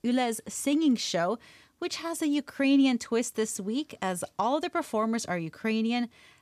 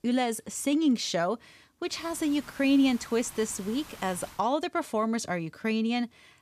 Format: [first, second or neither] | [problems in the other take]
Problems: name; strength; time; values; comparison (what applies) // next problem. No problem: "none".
first | hiss; noticeable; from 2 to 4.5 s; 20 dB below the speech